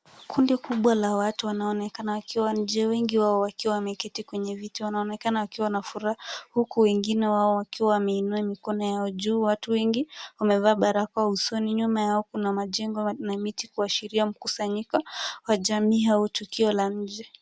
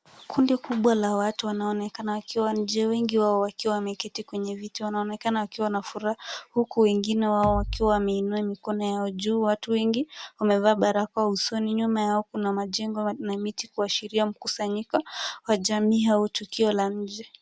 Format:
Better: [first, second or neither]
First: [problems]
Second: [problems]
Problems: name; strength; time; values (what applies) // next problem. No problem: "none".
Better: first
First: none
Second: background sound (Bass drum); 9 dB below the speech